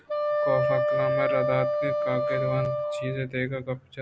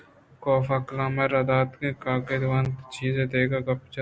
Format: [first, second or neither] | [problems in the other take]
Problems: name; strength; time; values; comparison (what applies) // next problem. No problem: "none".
second | background sound (Wind instrument, woodwind instrument); 4 dB above the speech